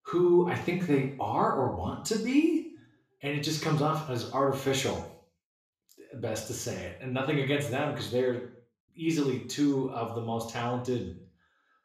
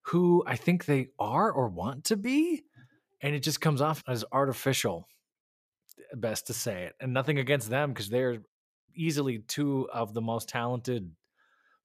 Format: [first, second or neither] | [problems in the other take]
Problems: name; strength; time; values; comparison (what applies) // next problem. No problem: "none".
second | room echo; noticeable; dies away in 0.6 s // off-mic speech; far